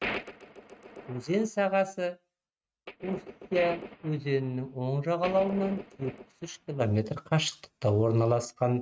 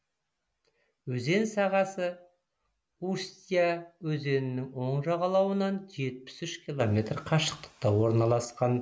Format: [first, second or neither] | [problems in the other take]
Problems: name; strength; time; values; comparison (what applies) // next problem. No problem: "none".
second | noise reduction (neural mask model RNNoise)